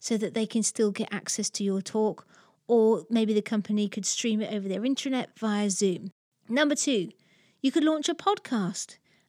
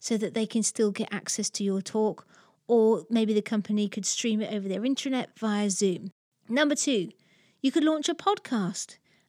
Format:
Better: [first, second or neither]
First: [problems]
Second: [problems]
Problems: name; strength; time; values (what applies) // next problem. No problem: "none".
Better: neither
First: none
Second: none